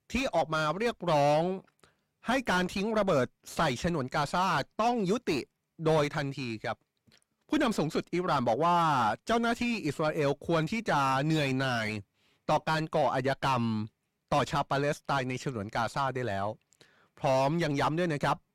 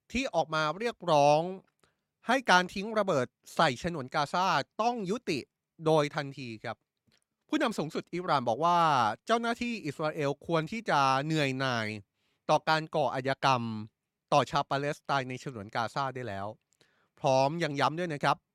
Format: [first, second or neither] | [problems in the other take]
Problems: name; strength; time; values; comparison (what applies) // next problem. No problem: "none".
second | distortion; heavy; 5 dB below the speech